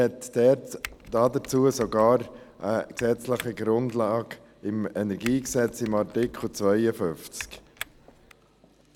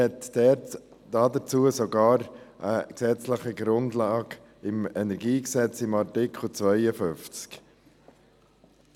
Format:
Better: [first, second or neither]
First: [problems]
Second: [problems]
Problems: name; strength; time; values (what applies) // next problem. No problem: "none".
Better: second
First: background sound (Typing); 18 dB below the speech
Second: none